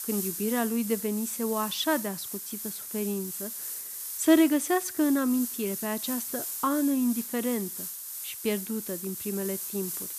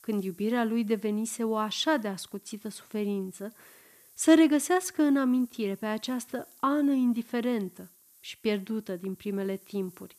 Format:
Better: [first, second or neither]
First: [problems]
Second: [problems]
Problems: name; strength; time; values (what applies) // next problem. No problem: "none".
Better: second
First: hiss; loud; throughout; 5 dB below the speech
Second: hiss; faint; throughout; 25 dB below the speech